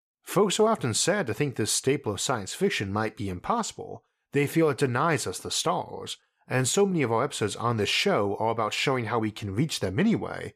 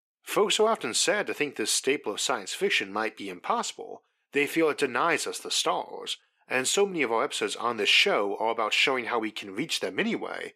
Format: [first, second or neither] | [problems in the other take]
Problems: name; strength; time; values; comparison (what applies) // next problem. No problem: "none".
first | thin; somewhat; fading below 250 Hz